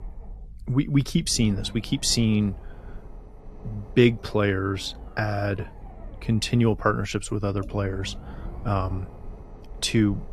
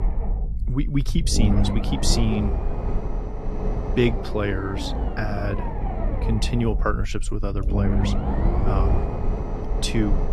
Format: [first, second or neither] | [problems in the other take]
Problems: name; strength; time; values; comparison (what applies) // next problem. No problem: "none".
first | low rumble; loud; throughout; 3 dB below the speech; faint in the first